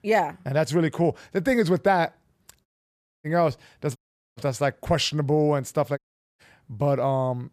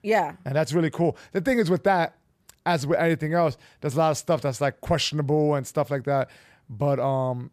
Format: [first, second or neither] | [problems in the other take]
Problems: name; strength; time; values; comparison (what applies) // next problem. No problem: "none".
second | audio cutting out; at 2.5 s for 0.5 s, at 4 s and at 6 s